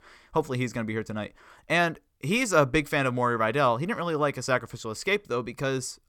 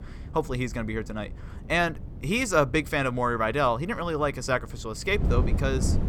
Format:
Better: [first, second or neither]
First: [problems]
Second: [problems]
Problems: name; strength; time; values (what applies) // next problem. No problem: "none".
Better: first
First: none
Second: wind noise on the microphone; occasional gusts; 20 dB below the speech